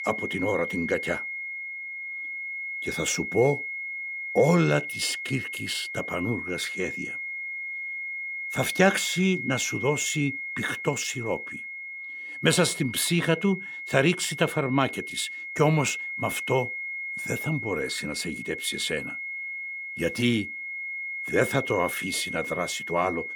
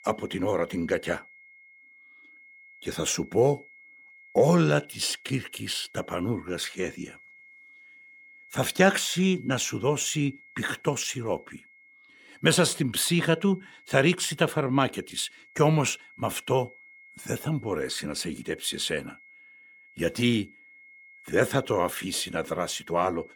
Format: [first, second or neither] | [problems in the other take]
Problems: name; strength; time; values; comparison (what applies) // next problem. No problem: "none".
second | high-pitched whine; loud; throughout; 2 kHz, 6 dB below the speech; faint in the second